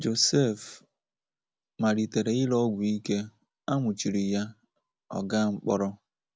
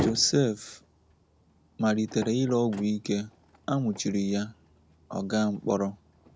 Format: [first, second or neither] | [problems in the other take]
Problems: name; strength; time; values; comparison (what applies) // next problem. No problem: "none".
first | background sound (Motor vehicle (road)); 13 dB below the speech